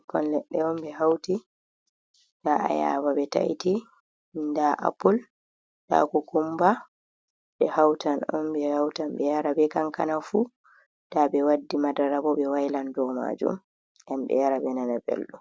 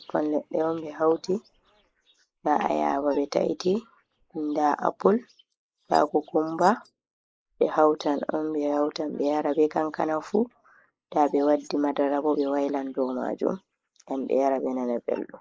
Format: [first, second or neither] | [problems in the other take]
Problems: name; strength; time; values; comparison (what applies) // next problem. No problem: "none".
first | noise reduction (neural mask model Resemble Enhance denoiser)